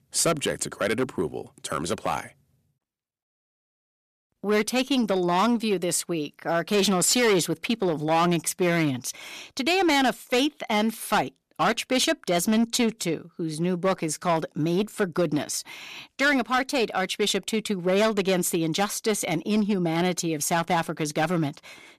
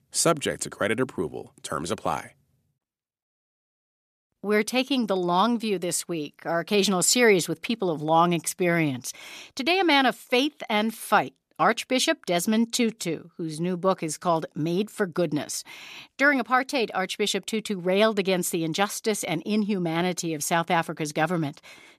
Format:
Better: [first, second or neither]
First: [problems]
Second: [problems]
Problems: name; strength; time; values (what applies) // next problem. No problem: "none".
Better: second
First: distortion; slight; 6% of the sound clipped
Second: none